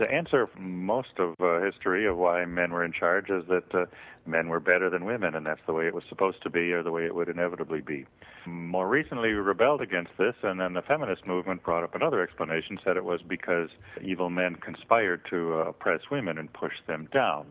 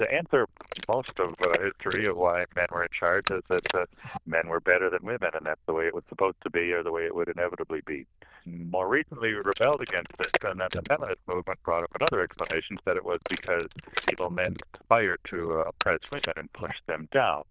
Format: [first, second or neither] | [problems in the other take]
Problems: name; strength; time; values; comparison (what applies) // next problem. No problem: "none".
first | noise reduction (neural diffusion model UNIVERSE++)